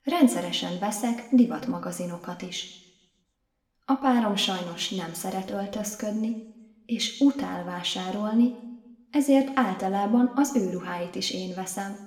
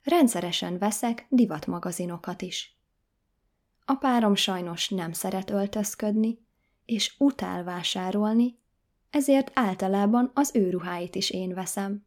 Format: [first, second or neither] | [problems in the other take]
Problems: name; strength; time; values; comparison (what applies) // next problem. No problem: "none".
second | room echo; slight; dies away in 0.9 s